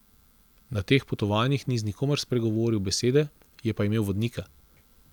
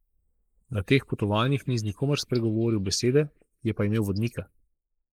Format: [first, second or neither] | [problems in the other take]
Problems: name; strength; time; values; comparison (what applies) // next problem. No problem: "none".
first | noise reduction (neural mask model Resemble Enhance denoiser)